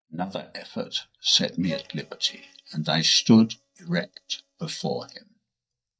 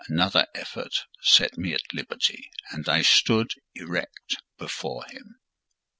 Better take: second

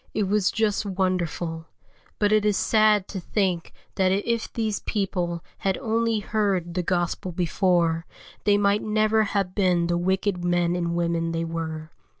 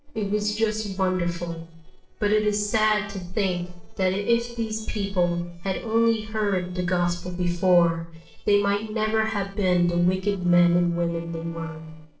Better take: first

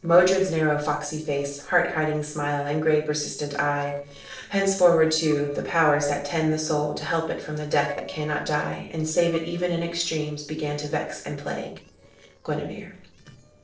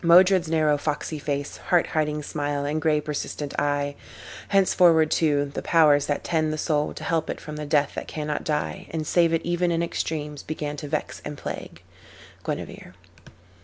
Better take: second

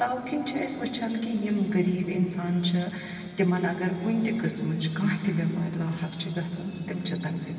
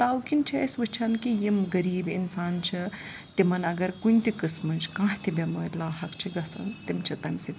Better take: second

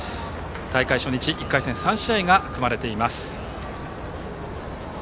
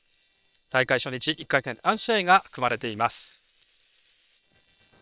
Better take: first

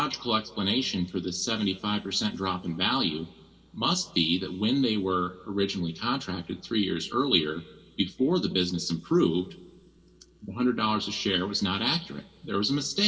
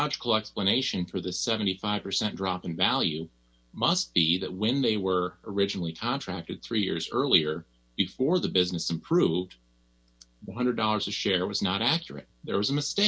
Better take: second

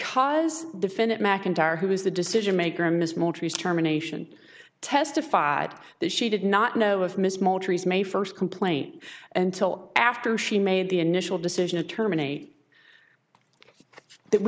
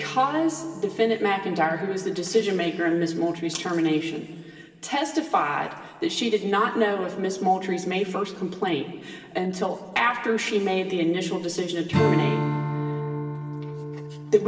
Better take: first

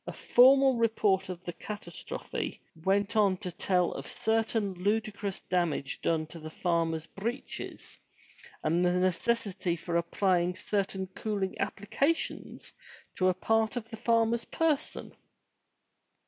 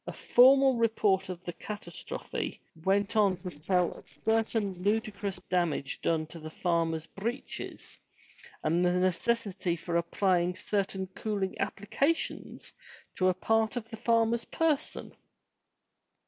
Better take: first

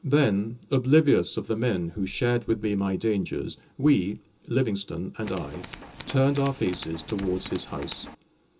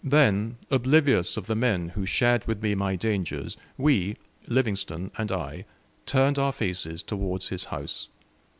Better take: second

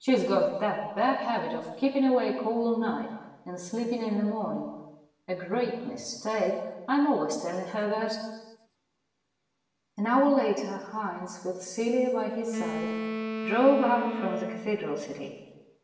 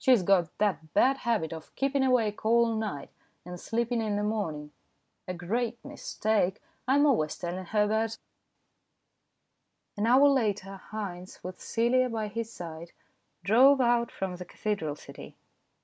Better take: second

